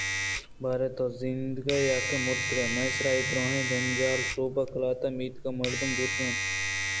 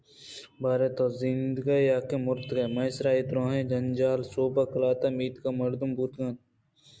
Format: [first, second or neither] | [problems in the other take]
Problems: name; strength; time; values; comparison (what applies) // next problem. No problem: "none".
second | background sound (Domestic sounds, home sounds); 1 dB below the speech